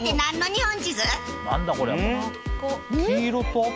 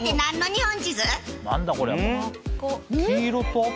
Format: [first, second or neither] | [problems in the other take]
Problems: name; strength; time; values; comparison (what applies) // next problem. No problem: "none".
second | background sound (Bowed string instrument); 15 dB below the speech